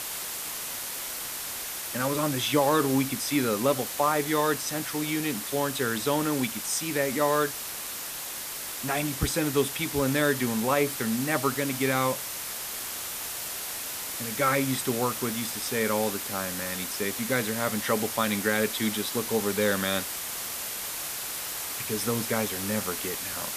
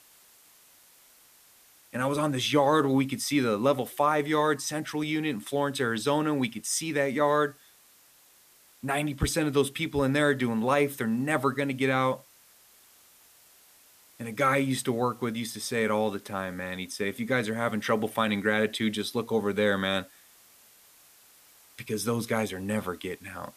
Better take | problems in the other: second | hiss; loud; throughout; 4 dB below the speech; faint in the second

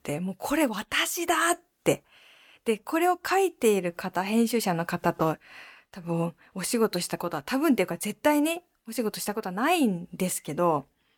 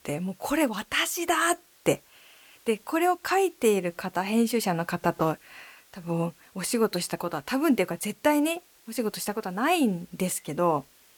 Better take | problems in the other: first | hiss; faint; throughout; 30 dB below the speech

